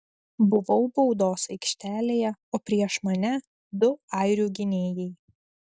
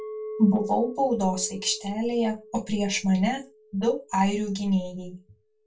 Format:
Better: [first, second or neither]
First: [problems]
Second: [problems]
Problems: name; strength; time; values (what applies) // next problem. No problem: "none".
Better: first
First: none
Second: background sound (Chink, clink); 16 dB below the speech // room echo; dies away in 0.2 s